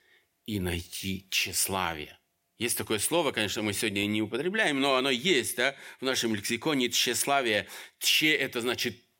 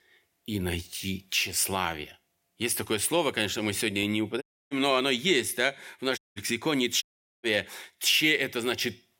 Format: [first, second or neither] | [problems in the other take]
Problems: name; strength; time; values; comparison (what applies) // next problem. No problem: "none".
first | audio cutting out; at 4.5 s, at 6 s and at 7 s